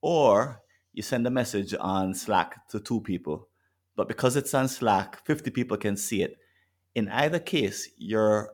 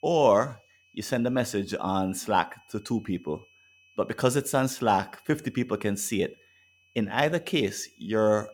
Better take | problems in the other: first | high-pitched whine; faint; throughout; 2.5 kHz, 30 dB below the speech

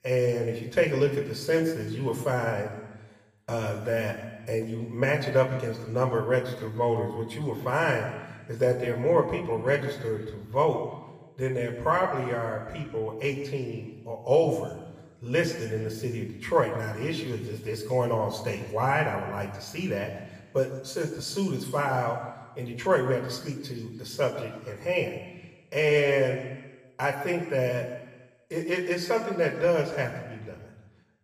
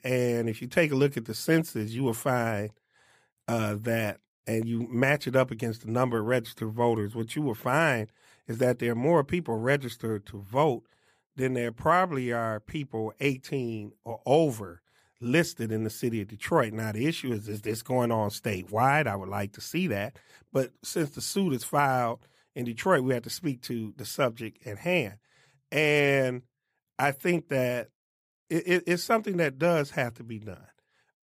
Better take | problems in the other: second | room echo; slight; dies away in 1.2 s // off-mic speech; somewhat distant

